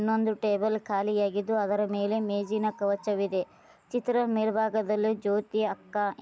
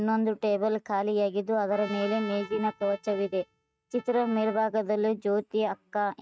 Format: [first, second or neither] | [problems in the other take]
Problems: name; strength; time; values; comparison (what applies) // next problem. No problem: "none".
first | noise reduction (neural mask model RNNoise)